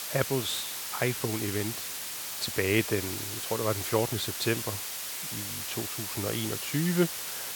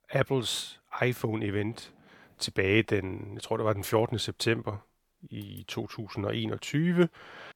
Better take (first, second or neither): second